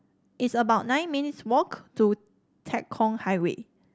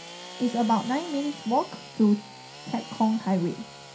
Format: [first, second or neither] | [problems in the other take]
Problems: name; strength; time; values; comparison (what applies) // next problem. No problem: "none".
first | background sound (Sawing / Engine); 15 dB below the speech // room echo; dies away in 0.3 s